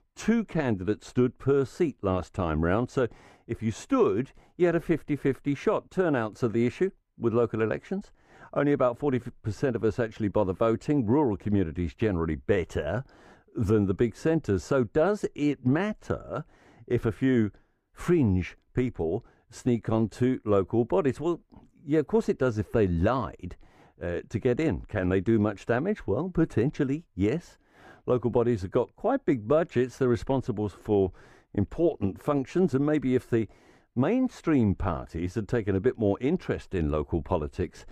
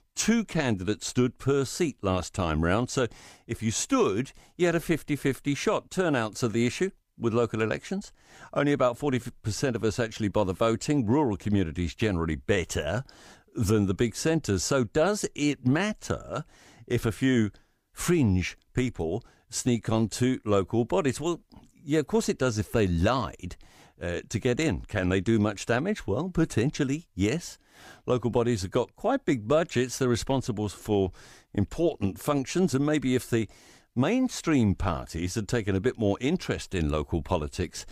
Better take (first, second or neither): second